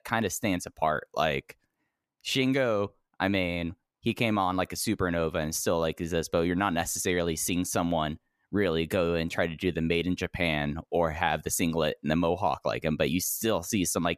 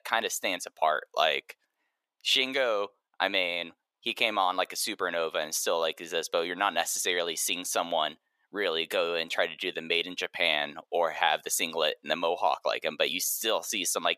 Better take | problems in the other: first | thin; very; fading below 600 Hz

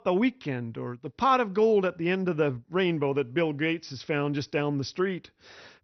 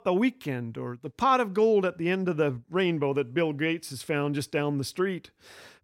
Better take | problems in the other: second | garbled, watery; slightly; nothing above 6 kHz

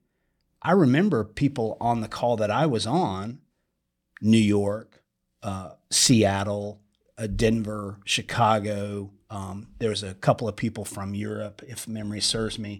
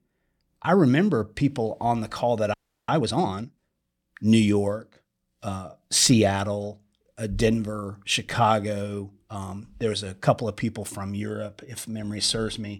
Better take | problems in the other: first | audio freezing; at 2.5 s

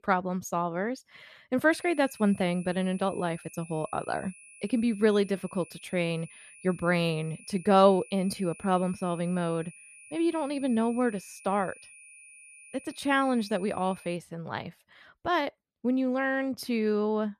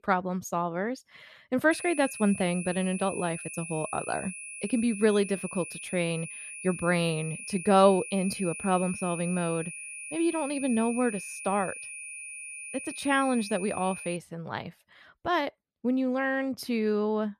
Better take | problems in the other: first | high-pitched whine; loud; from 1.5 to 14 s; 2.5 kHz, 9 dB below the speech; faint in the first

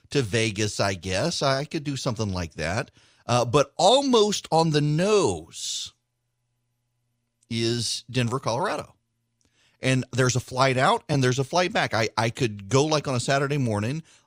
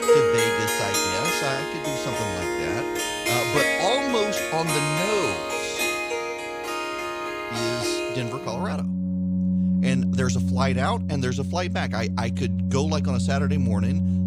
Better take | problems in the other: first | background music; very loud; throughout; 4 dB above the speech

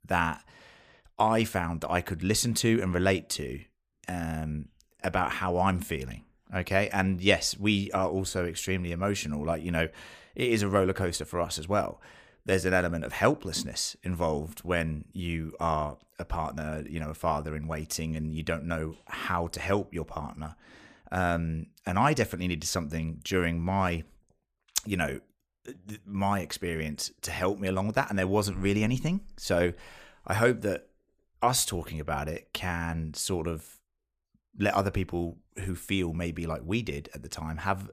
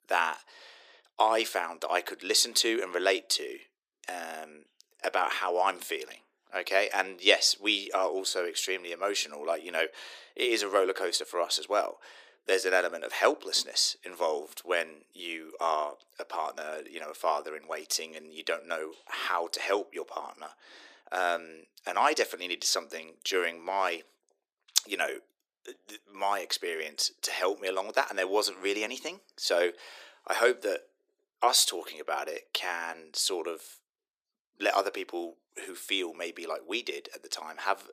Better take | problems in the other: first | thin; very; fading below 350 Hz

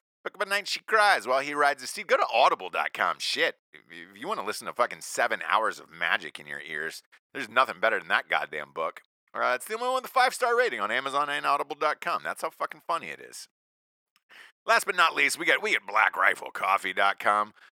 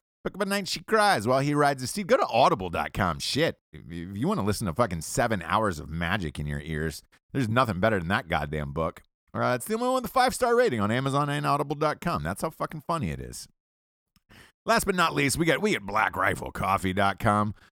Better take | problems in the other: second | thin; very; fading below 500 Hz

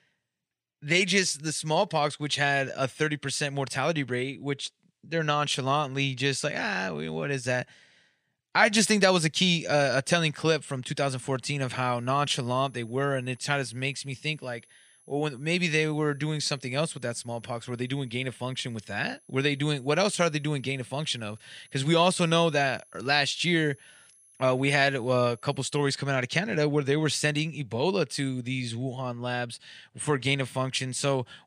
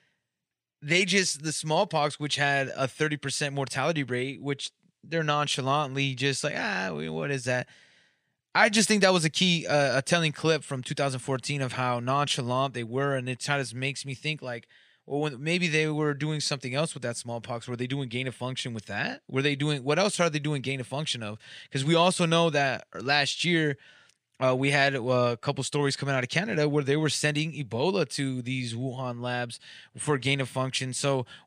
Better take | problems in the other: second | high-pitched whine; faint; from 12 to 26 s; 11 kHz, 30 dB below the speech

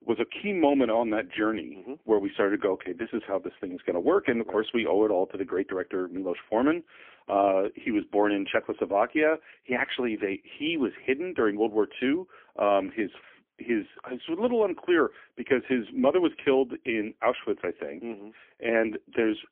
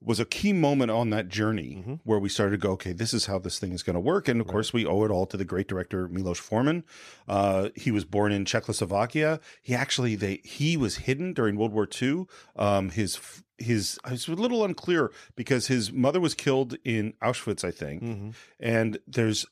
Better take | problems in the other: second | phone-call audio; poor line; nothing above 3.5 kHz

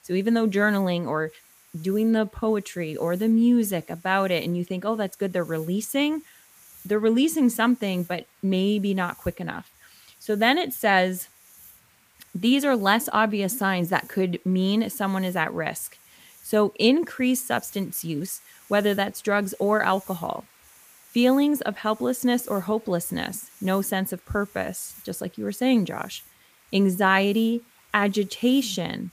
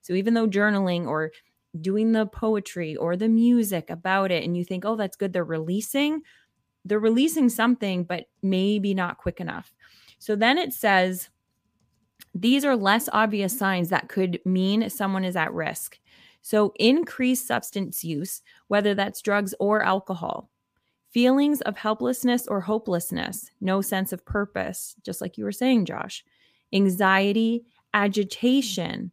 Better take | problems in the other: second | hiss; faint; throughout; 25 dB below the speech

